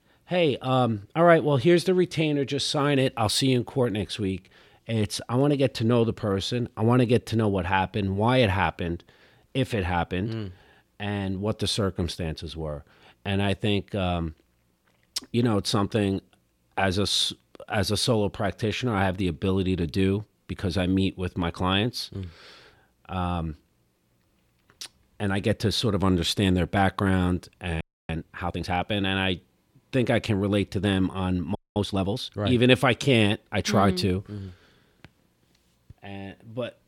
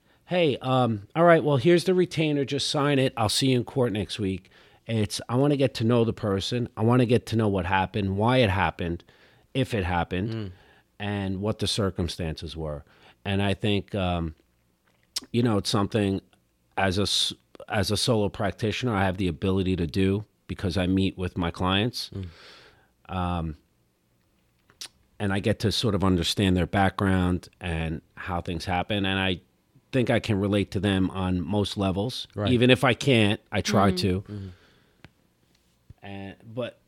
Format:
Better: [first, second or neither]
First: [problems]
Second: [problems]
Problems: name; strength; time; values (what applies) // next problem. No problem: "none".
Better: second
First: audio freezing; at 28 s and at 32 s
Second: none